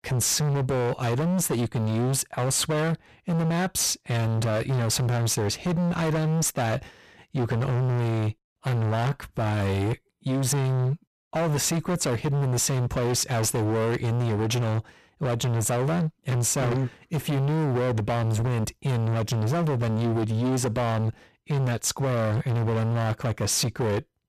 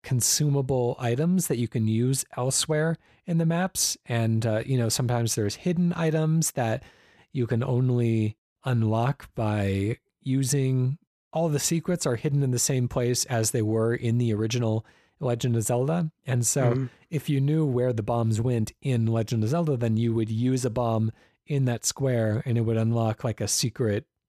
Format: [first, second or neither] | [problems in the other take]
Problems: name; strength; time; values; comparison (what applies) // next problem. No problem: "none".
second | distortion; heavy; 38% of the sound clipped